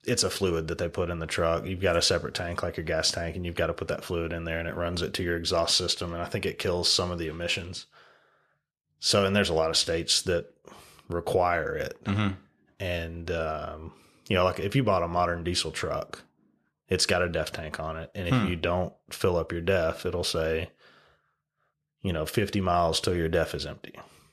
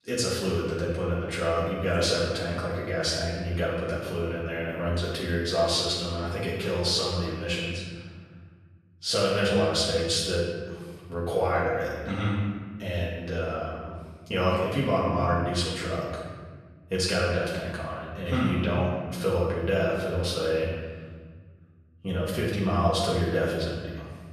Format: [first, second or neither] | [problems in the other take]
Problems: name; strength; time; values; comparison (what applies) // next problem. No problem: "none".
first | off-mic speech; far // room echo; noticeable; dies away in 1.7 s